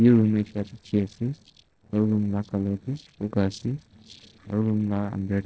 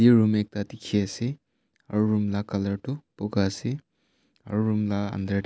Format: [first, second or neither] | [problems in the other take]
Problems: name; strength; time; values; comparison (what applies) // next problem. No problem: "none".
second | noise reduction (neural separator model SepFormer DNS4)